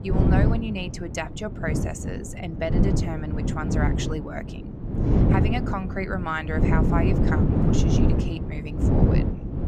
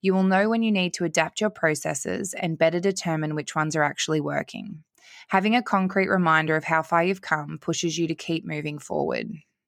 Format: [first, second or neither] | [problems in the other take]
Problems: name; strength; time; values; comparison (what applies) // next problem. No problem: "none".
second | wind noise on the microphone; heavy; as loud as the speech